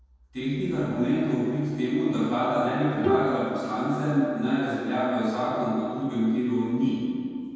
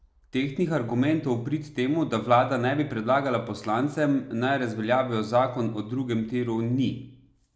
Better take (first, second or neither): second